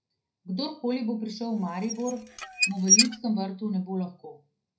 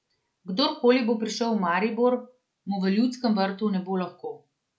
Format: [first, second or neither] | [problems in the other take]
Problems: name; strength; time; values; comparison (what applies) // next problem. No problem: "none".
second | background sound (Squeak / Dishes, pots, and pans); 4 dB above the speech // room echo; dies away in 0.3 s